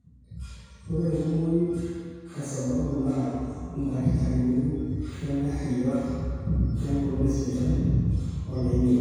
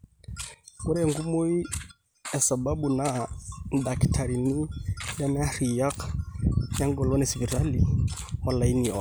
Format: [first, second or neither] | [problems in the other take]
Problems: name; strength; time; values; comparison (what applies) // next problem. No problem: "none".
second | room echo; dies away in 2 s